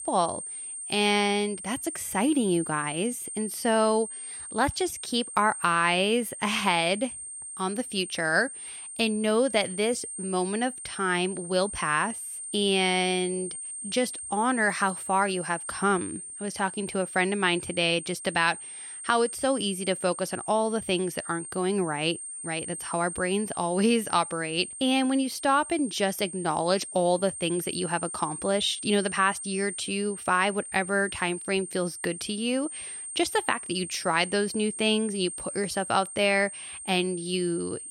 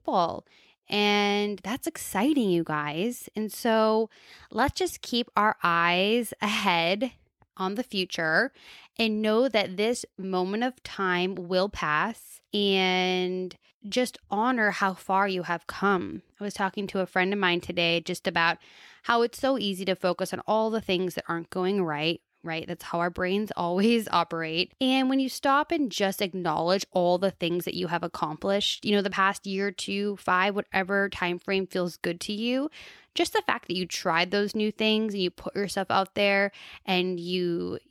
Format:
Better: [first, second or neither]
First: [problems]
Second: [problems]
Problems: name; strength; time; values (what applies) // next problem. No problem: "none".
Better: second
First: high-pitched whine; loud; throughout; 8.5 kHz, 9 dB below the speech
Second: none